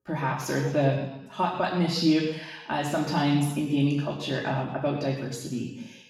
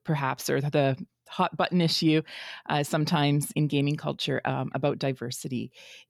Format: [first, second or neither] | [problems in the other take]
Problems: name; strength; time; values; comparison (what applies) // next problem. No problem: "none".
second | room echo; noticeable; dies away in 0.9 s // off-mic speech; far